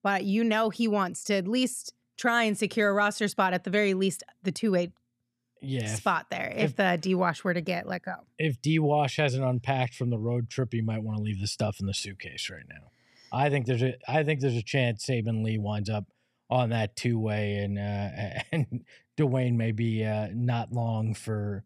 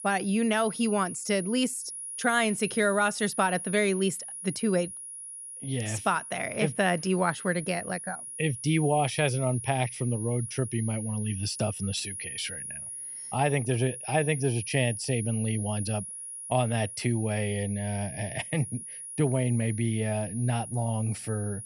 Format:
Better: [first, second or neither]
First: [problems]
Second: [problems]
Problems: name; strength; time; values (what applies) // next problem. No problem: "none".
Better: first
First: none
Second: high-pitched whine; loud; throughout; 10.5 kHz, 8 dB below the speech